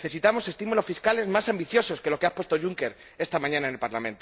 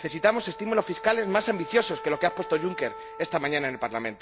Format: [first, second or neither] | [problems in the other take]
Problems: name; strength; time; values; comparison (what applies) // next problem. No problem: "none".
first | background sound (Wind instrument, woodwind instrument); 14 dB below the speech